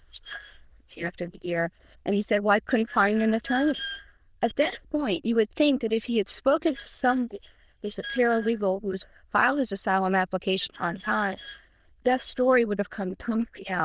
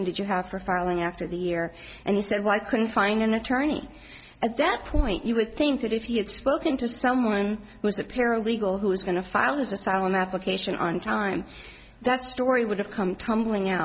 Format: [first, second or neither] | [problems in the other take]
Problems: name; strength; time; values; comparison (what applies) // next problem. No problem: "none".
second | noise reduction (neural diffusion model UNIVERSE++)